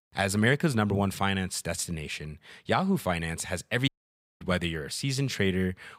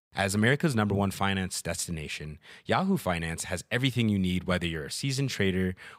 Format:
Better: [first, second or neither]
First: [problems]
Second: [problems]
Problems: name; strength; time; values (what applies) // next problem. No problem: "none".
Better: second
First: audio cutting out; at 4 s for 0.5 s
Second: none